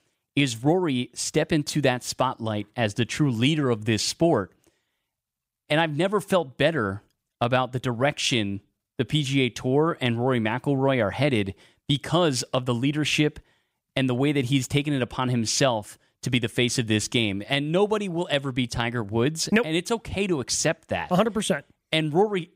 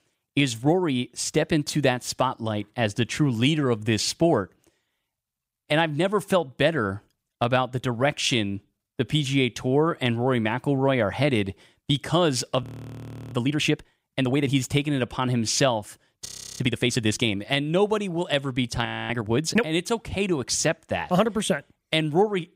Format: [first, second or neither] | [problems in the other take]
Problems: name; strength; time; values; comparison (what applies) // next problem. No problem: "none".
first | audio freezing; at 13 s for 0.5 s, at 16 s and at 19 s